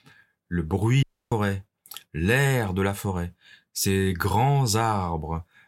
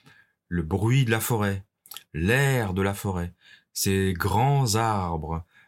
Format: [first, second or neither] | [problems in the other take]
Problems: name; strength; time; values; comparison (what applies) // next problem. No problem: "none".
second | audio cutting out; at 1 s